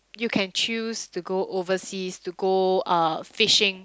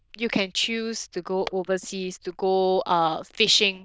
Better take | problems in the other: first | noise reduction (neural diffusion model UNIVERSE++)

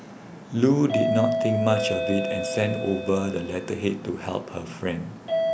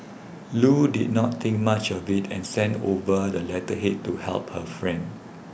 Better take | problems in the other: second | background sound (Doorbell); 3 dB below the speech

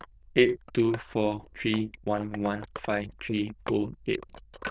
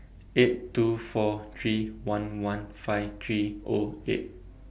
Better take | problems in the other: second | noise reduction (neural diffusion model UNIVERSE++)

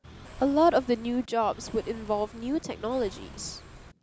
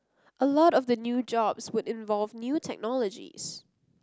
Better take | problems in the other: second | background sound (Engine / Car); 17 dB below the speech

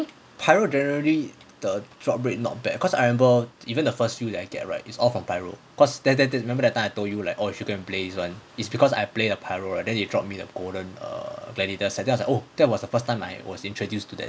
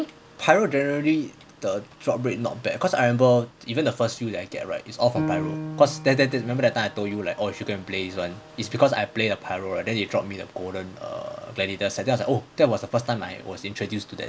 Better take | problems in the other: first | background sound (Piano); 15 dB below the speech

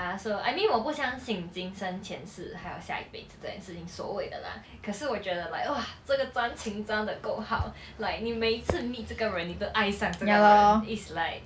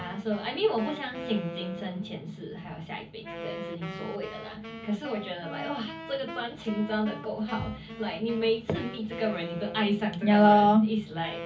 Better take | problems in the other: first | background sound (Wind instrument, woodwind instrument); 14 dB below the speech // room echo; dies away in 0.4 s

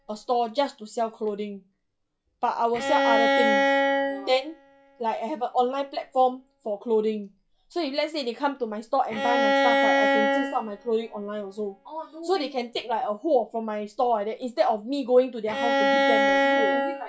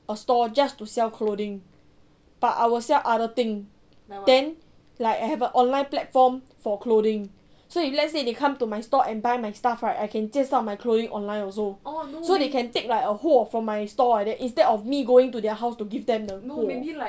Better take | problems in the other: second | noise reduction (classical method log-MMSE)

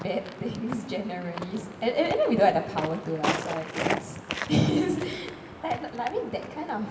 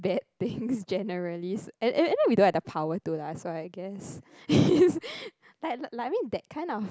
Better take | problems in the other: second | background sound (Walk, footsteps); 7 dB below the speech // room echo; dies away in 1.4 s

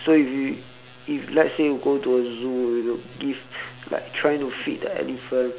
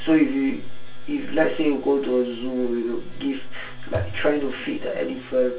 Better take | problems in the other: first | background sound (Thump, thud); 12 dB below the speech // room echo; dies away in 0.2 s

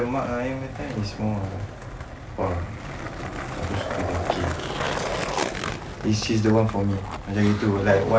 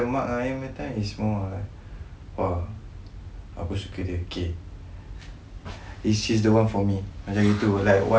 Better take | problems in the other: second | background sound (Skateboard); 6 dB below the speech

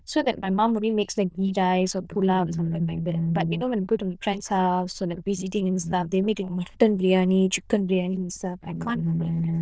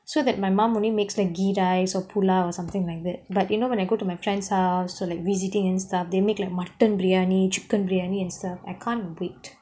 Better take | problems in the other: second | noise reduction (neural diffusion model UNIVERSE++)

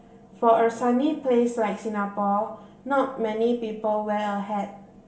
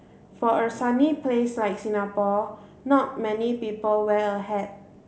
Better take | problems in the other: second | room echo; dies away in 0.2 s

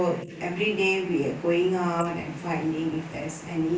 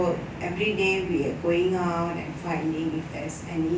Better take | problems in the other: second | noise reduction (neural mask model Resemble Enhance denoiser)

